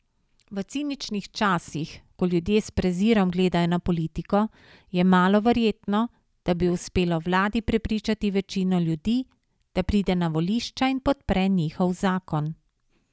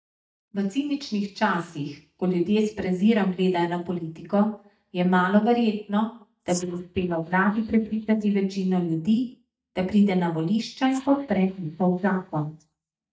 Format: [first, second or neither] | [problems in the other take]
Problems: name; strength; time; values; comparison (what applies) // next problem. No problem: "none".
first | noise reduction (neural mask model DeepFilterNet 3)